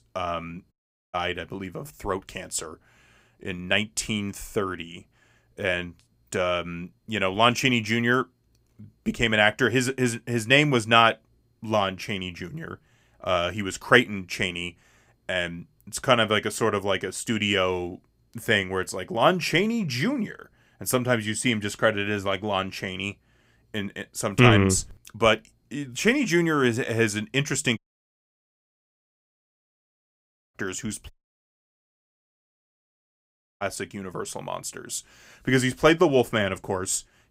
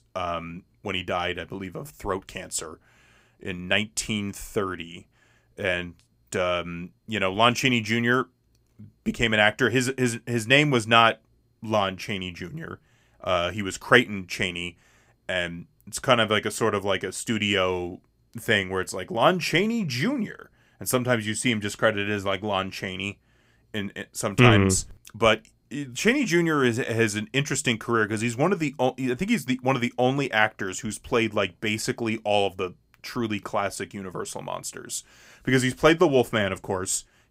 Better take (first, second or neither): second